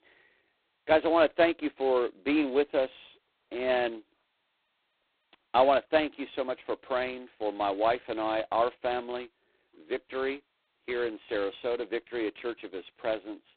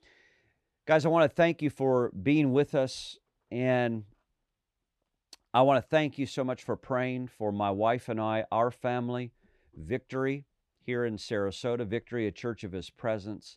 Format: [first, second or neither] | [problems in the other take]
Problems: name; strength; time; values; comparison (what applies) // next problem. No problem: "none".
second | phone-call audio; poor line; nothing above 4 kHz